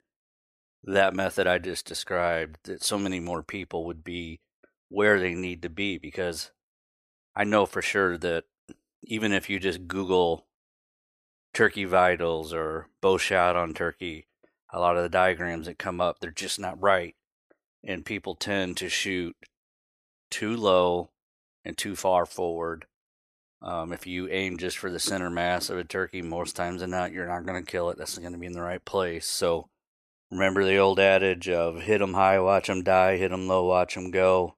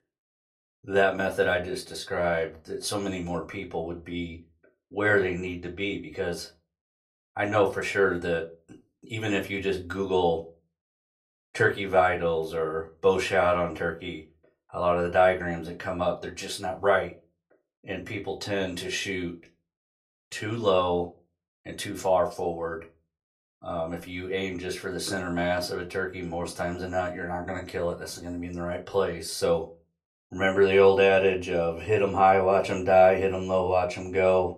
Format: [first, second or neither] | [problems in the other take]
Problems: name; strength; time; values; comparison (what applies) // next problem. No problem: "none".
first | off-mic speech; far // room echo; very slight; dies away in 0.2 s